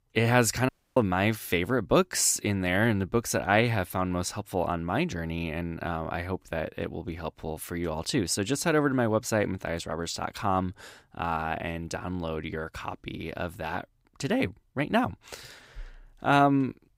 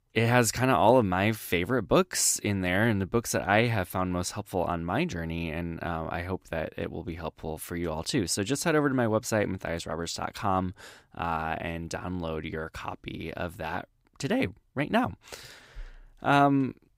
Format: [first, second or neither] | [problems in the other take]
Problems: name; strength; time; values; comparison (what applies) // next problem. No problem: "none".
second | audio cutting out; at 0.5 s